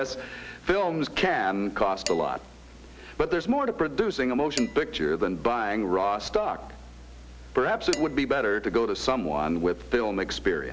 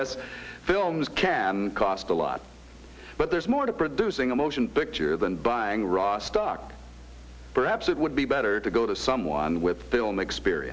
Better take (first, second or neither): second